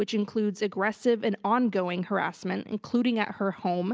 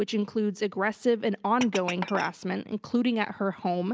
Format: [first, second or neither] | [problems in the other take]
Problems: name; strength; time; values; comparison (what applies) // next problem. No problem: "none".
first | background sound (Glass); 13 dB below the speech